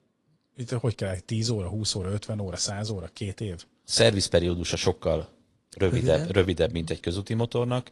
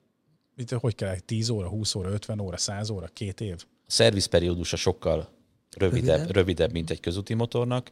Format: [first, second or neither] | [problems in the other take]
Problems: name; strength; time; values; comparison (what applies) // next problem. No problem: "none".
second | garbled, watery; slightly